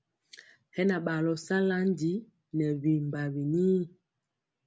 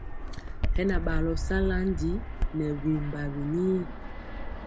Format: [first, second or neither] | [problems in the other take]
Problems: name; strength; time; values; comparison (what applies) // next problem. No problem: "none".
first | background sound (Fixed-wing aircraft, airplane); as loud as the speech